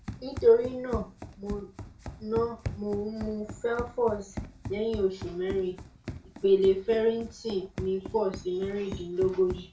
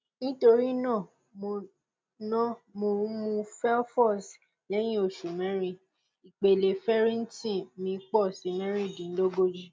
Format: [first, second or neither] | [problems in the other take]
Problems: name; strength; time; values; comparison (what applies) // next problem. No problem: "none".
second | background sound (Run); 12 dB below the speech // room echo; dies away in 0.3 s